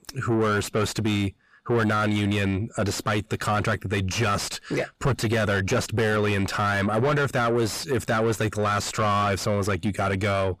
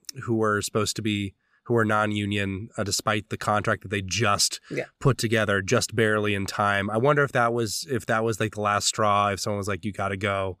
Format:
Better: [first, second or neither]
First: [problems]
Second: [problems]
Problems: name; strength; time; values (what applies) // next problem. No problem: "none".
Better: second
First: distortion; heavy; 6 dB below the speech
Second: none